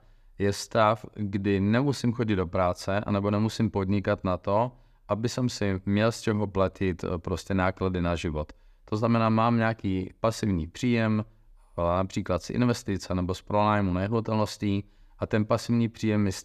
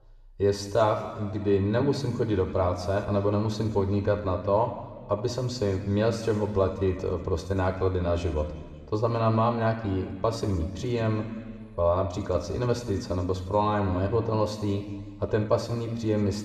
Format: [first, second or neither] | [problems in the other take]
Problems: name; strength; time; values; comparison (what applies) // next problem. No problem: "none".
first | room echo; noticeable; dies away in 1.4 s // off-mic speech; somewhat distant